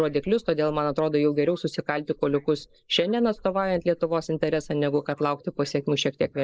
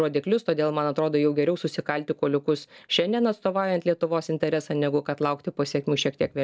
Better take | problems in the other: second | noise reduction (neural mask model Resemble Enhance denoiser)

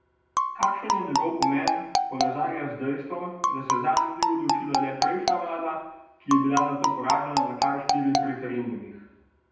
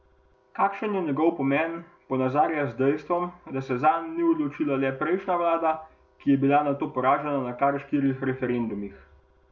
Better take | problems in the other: second | background sound (Marimba, xylophone); 2 dB above the speech // room echo; dies away in 0.9 s

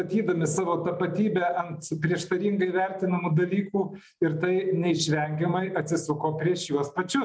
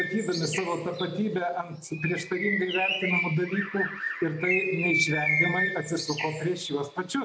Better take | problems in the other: first | background sound (Bird); 2 dB below the speech

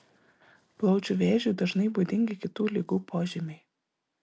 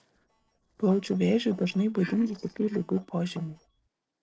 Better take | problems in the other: first | noise reduction (neural separator model SepFormer DNS4)

